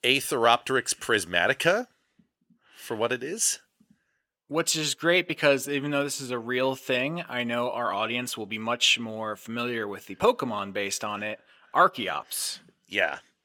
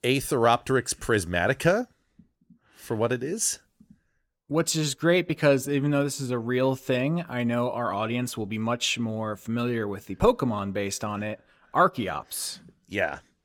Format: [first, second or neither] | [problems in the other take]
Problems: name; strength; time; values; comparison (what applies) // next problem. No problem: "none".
second | thin; very slightly; fading below 900 Hz